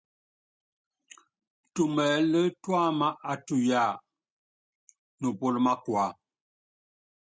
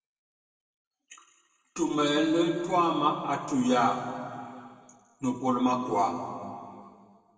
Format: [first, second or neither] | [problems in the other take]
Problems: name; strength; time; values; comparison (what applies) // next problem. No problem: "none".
first | room echo; dies away in 2.3 s